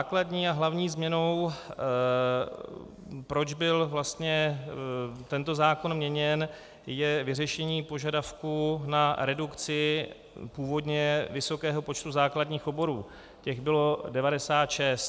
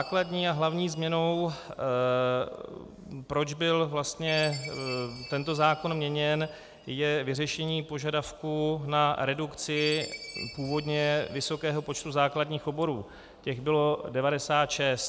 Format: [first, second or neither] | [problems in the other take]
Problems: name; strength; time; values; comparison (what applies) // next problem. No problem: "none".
first | background sound (Chime); 18 dB below the speech